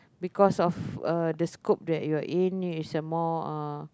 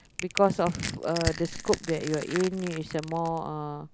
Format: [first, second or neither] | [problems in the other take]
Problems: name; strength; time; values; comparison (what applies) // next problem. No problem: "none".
first | background sound (Crushing); 9 dB below the speech